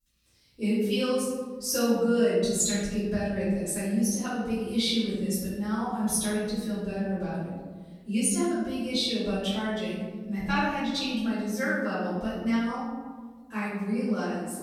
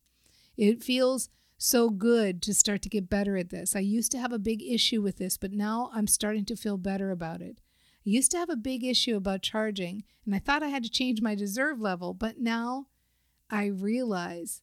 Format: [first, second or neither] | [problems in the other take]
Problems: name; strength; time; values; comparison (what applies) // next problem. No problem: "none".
second | off-mic speech; far // room echo; strong; dies away in 1.4 s